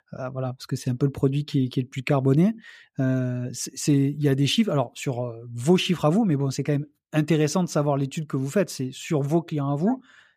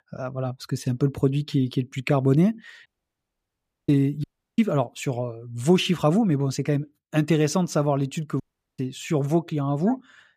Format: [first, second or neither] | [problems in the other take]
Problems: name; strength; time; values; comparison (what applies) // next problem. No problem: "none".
first | audio cutting out; at 3 s for 1 s, at 4 s and at 8.5 s